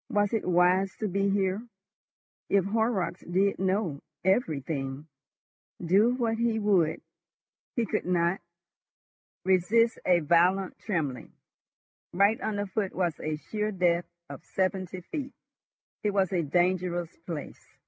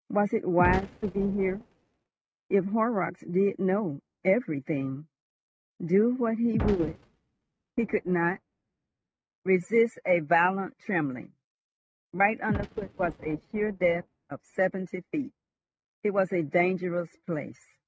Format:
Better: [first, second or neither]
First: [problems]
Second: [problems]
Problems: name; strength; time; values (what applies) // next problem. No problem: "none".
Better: first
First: none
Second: noise reduction (neural mask model RNNoise)